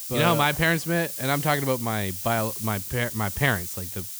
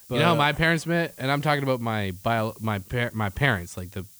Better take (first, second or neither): second